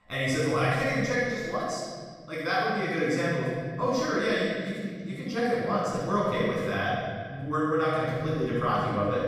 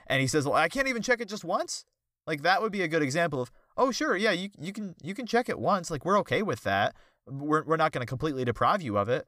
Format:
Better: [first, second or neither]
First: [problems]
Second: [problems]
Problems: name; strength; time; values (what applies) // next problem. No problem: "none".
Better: second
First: room echo; strong; dies away in 2.2 s // off-mic speech; far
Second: none